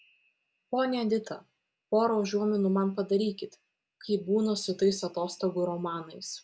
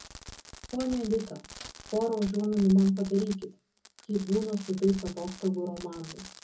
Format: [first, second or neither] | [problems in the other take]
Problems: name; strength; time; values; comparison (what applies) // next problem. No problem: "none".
first | background sound (Fireworks); 18 dB below the speech // room echo; dies away in 0.3 s